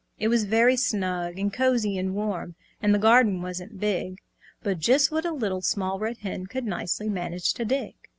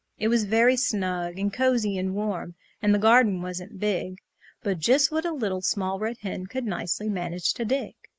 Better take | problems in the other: first | noise reduction (neural mask model Resemble Enhance denoiser)

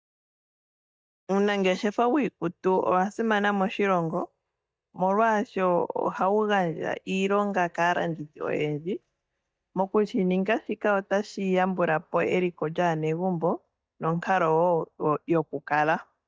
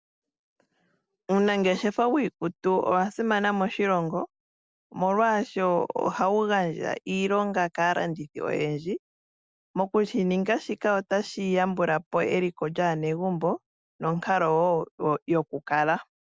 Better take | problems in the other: second | noise reduction (neural mask model DeepFilterNet 3)

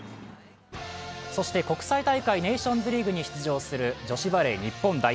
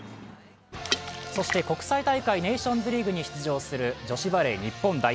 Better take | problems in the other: first | background sound (Water / Splash, splatter); 10 dB below the speech

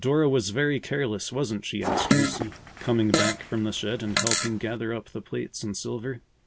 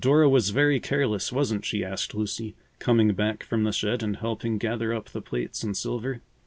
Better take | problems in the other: second | background sound (Fart); as loud as the speech

